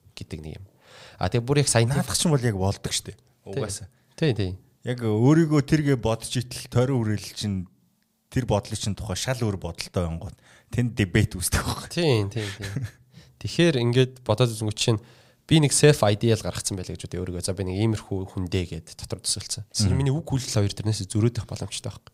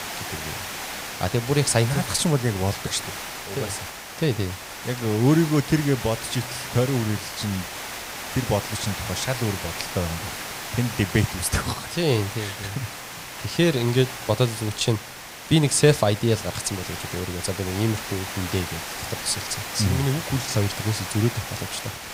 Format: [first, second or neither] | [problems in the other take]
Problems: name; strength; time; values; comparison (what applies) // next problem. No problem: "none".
first | hiss; loud; throughout; 7 dB below the speech